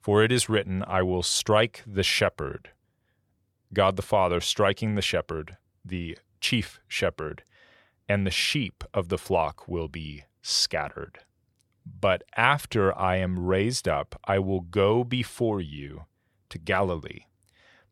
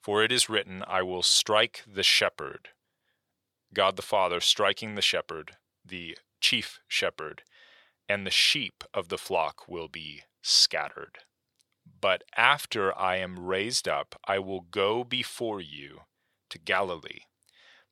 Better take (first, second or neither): first